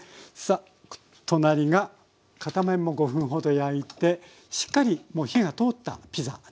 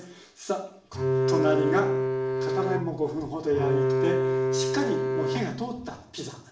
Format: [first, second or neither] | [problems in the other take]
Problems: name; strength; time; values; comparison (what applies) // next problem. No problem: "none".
first | background sound (Bowed string instrument); 5 dB above the speech // room echo; dies away in 0.5 s